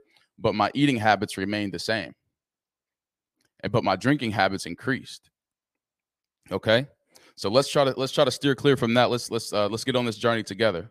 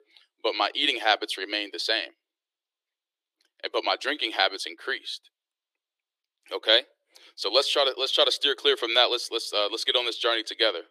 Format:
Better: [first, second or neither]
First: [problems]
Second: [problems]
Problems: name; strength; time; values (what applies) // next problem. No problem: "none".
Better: first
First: none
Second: thin; very; fading below 350 Hz